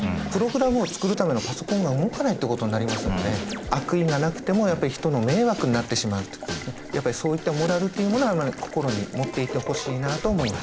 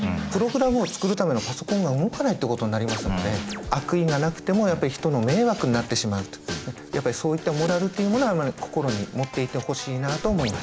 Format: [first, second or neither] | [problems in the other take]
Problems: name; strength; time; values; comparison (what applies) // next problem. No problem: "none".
second | background sound (Water tap, faucet); 14 dB below the speech